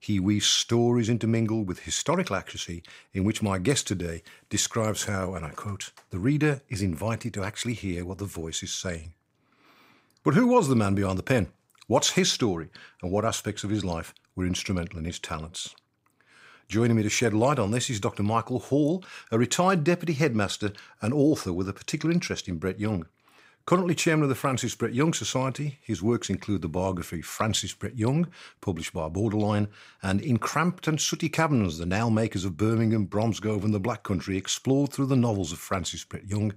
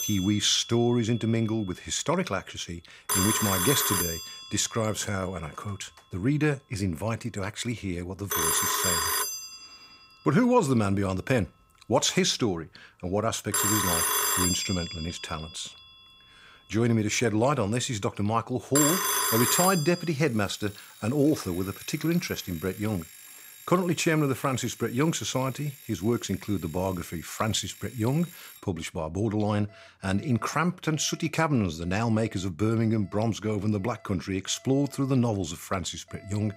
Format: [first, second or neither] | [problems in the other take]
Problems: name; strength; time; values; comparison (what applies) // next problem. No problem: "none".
first | alarms or sirens; very loud; throughout; 1 dB above the speech